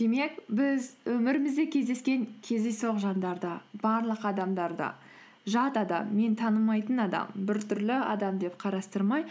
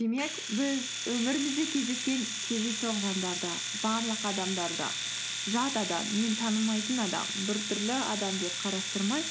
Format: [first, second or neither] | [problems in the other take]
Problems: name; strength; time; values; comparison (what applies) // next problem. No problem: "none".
first | background sound (Domestic sounds, home sounds); 3 dB below the speech